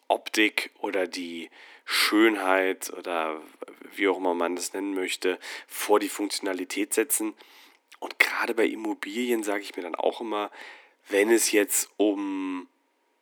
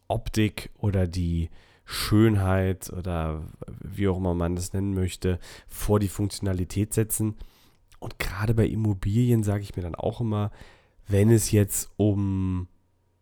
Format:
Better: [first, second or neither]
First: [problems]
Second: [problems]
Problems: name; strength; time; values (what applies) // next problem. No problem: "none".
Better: second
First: thin; very; fading below 250 Hz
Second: none